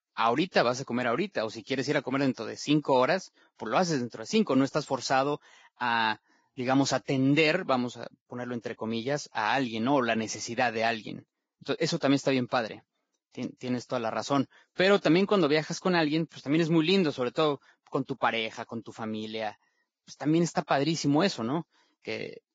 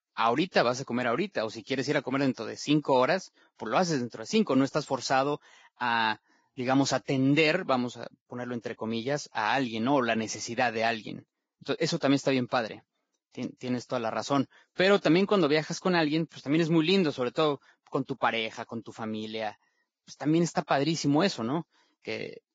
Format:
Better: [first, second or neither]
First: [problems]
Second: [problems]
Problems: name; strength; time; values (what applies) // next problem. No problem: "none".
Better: neither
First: garbled, watery; badly; nothing above 7.5 kHz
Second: garbled, watery; badly; nothing above 7.5 kHz